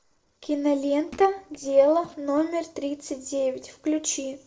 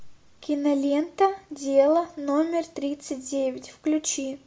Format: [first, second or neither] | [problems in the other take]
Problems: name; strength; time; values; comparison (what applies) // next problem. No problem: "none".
second | noise reduction (neural separator model SepFormer DNS4)